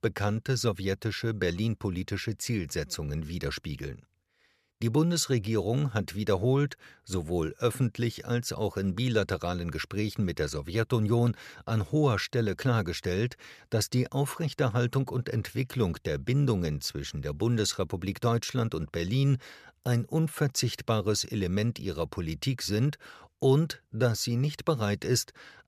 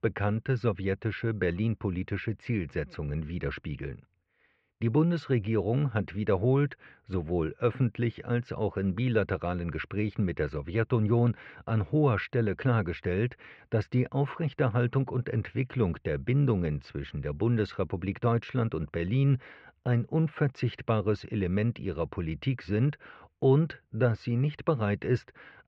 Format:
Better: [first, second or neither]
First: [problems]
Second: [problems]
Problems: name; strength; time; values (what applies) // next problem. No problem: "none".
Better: first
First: none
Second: muffled; very; fading above 2.5 kHz